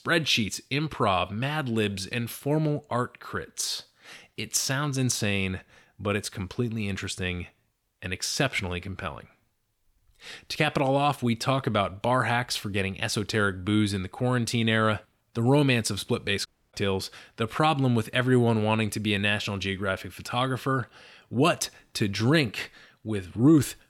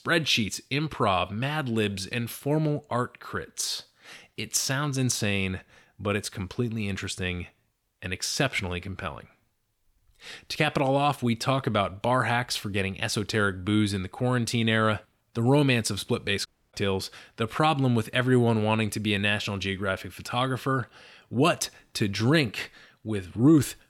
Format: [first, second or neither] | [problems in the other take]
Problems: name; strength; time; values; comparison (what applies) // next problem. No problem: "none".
neither | audio cutting out; at 16 s; the same in both